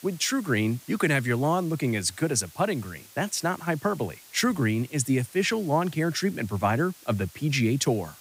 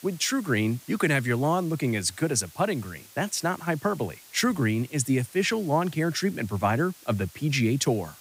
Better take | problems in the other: neither | hiss; faint; throughout; 20 dB below the speech; the same in both

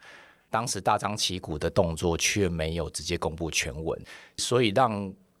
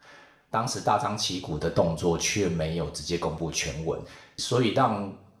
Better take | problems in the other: first | room echo; slight; dies away in 0.5 s // off-mic speech; somewhat distant

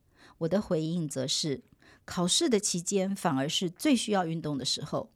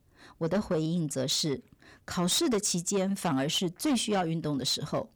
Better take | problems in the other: first | distortion; slight; 10 dB below the speech

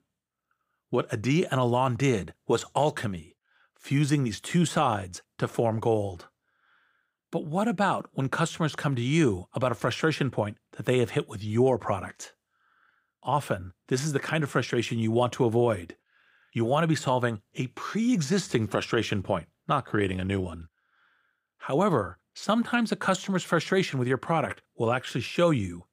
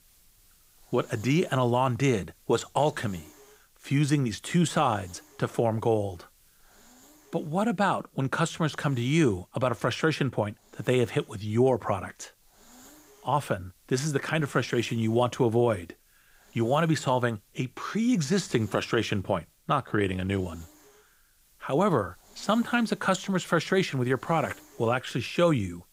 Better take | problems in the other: first | hiss; faint; throughout; 30 dB below the speech

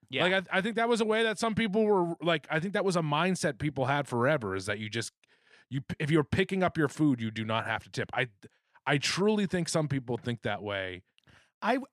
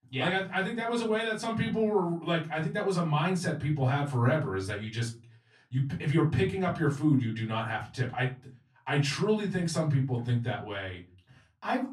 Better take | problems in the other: first | off-mic speech; far // room echo; very slight; dies away in 0.3 s

